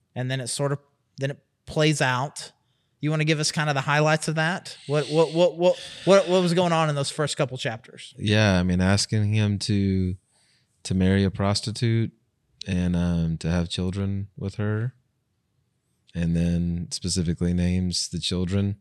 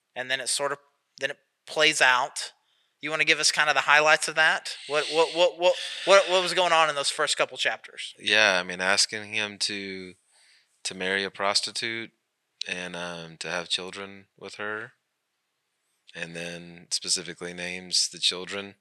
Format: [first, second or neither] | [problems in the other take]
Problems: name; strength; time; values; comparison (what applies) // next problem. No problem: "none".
first | thin; very; fading below 600 Hz